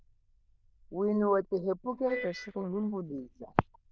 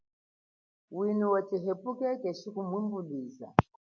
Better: second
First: noise reduction (neural diffusion model UNIVERSE++)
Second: none

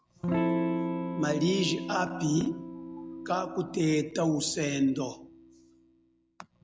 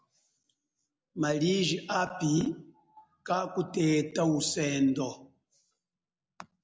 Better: second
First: background sound (Electric guitar / Strum); 4 dB below the speech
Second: none

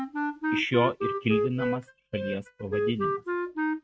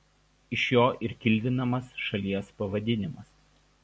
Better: second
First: noise reduction (neural mask model RNNoise)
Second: none

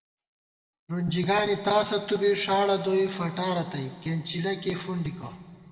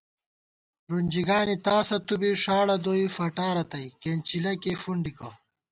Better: second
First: room echo; dies away in 2.1 s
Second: none

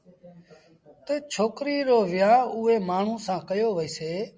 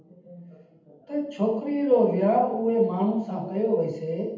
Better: first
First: none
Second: room echo; dies away in 0.8 s

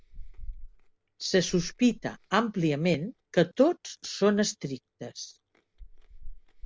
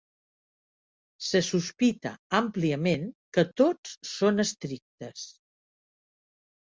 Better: second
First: background sound (Chewing, mastication); 16 dB below the speech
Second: none

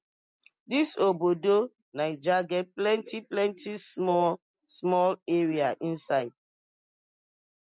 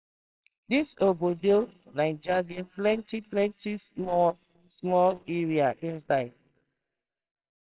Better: first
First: none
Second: noise reduction (neural separator model SepFormer WHAMR!)

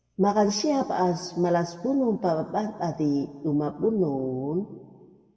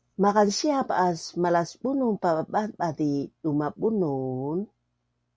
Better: second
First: room echo; dies away in 1.3 s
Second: none

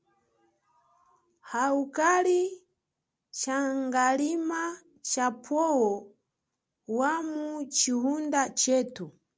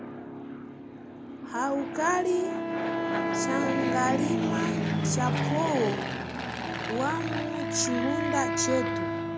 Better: first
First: none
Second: background sound (Wind instrument, woodwind instrument + Fixed-wing aircraft, airplane); 1 dB above the speech

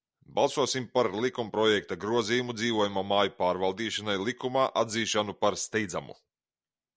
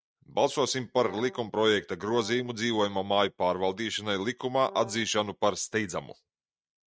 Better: first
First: none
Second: noise reduction (neural mask model RNNoise)

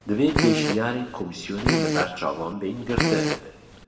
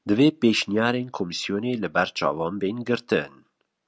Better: second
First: background sound (Fart); as loud as the speech // room echo; dies away in 1.1 s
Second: none

